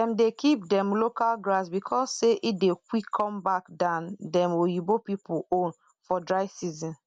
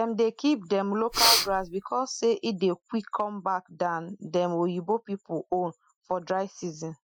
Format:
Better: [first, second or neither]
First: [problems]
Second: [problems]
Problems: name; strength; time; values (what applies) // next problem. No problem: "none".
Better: first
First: none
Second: noise reduction (classical method Wiener filter)